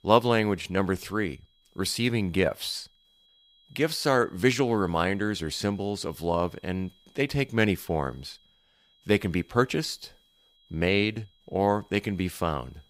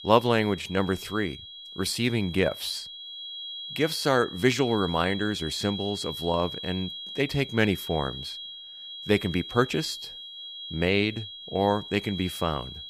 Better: first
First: high-pitched whine; faint; throughout; 3.5 kHz, 35 dB below the speech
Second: high-pitched whine; loud; throughout; 3.5 kHz, 10 dB below the speech

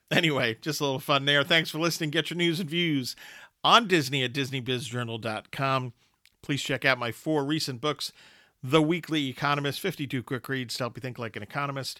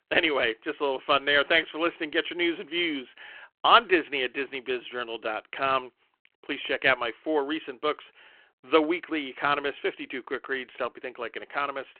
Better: first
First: none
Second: phone-call audio

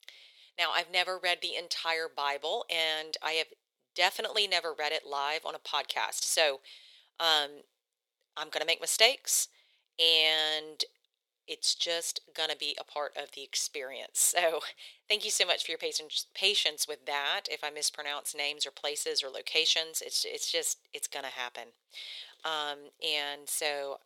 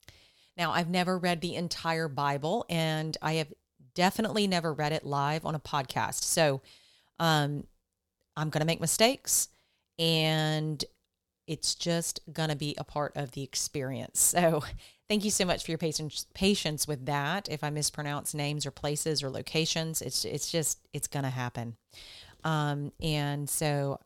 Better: second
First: thin; very; fading below 450 Hz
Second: none

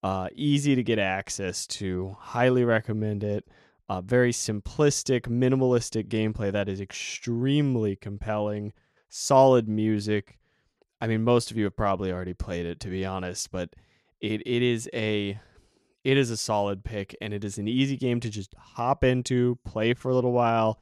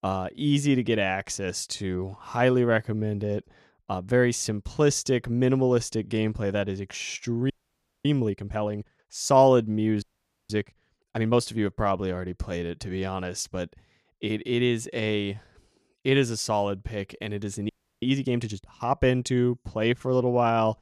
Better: first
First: none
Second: audio freezing; at 7.5 s for 0.5 s, at 10 s and at 18 s

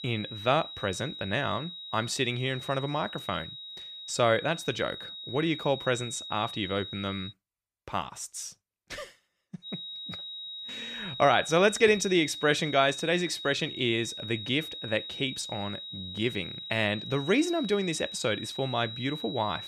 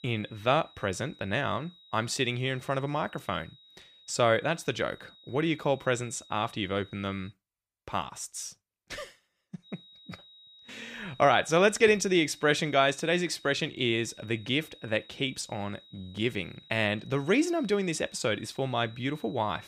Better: second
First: high-pitched whine; loud; until 7.5 s and from 9.5 s on; 4 kHz, 9 dB below the speech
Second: high-pitched whine; faint; until 7.5 s and from 9.5 s on; 4 kHz, 25 dB below the speech

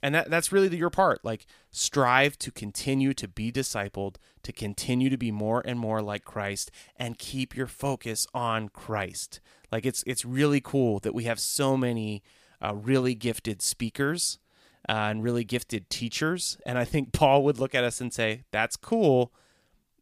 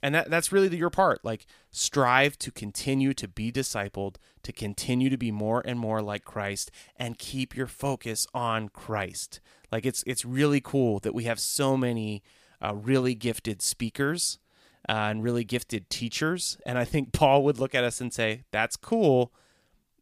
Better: neither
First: none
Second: none

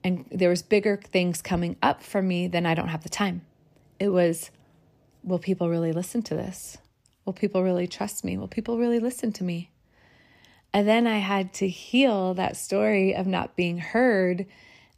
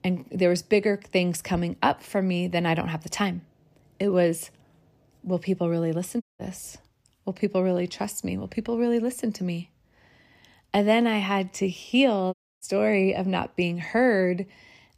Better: first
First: none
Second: audio cutting out; at 6 s and at 12 s

